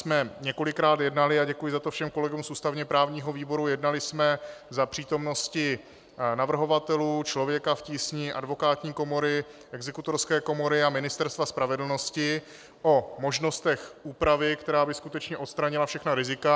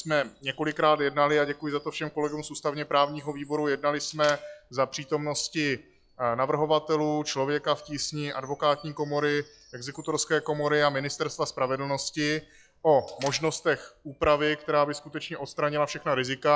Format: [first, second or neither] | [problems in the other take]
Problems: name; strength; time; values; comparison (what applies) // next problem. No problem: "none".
first | noise reduction (classical method log-MMSE)